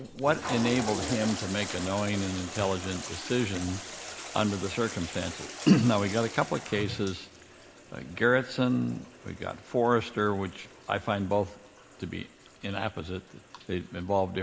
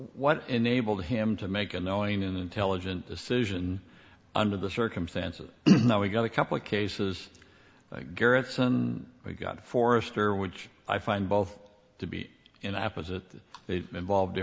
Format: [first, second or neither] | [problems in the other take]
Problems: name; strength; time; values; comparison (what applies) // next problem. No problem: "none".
second | background sound (Toilet flush); 12 dB below the speech